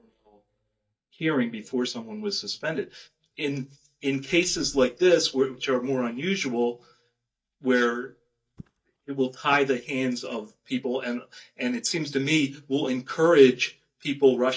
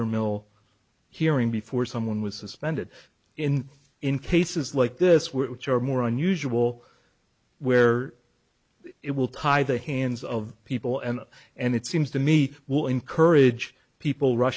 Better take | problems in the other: second | noise reduction (neural mask model DeepFilterNet 3)

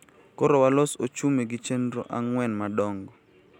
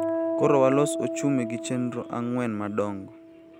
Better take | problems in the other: first | background sound (Acoustic guitar); 5 dB below the speech

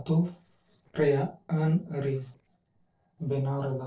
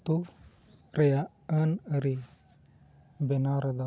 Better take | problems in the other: second | noise reduction (neural separator model SepFormer DNS4)

